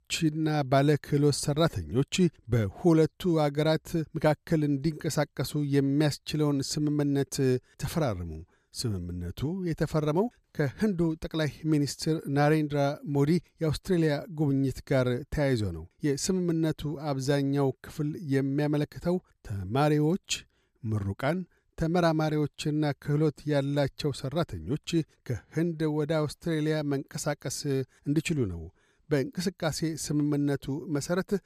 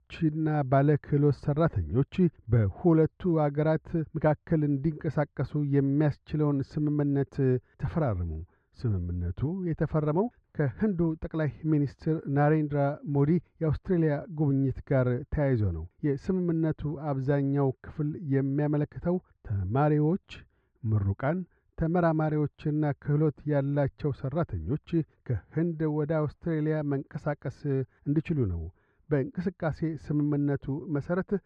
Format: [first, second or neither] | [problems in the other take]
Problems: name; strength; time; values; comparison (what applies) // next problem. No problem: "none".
first | muffled; very; fading above 1.5 kHz